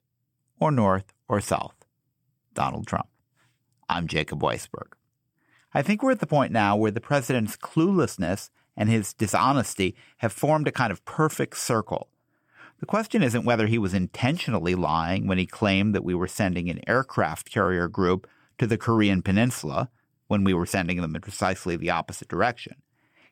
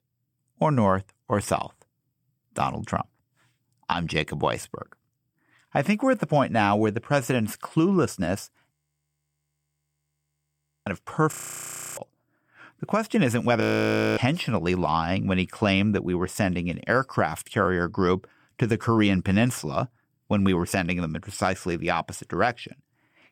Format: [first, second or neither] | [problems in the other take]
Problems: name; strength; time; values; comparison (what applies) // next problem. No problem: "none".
first | audio freezing; at 8.5 s for 2 s, at 11 s for 0.5 s and at 14 s for 0.5 s